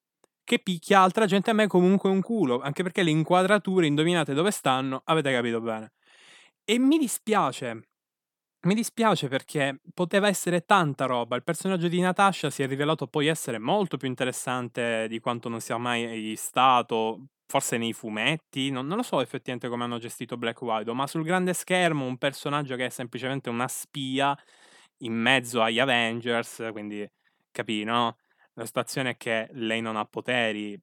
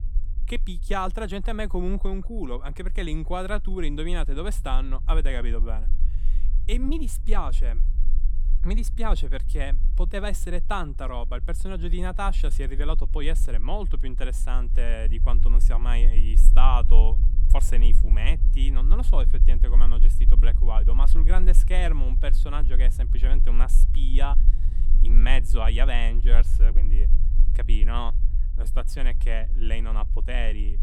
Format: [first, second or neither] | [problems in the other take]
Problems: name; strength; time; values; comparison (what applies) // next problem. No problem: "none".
first | low rumble; noticeable; throughout; 15 dB below the speech